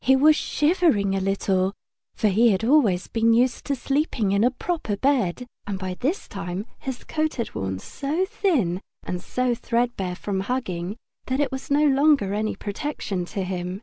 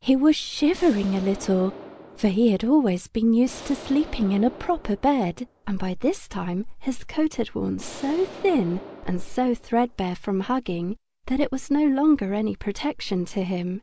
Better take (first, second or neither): first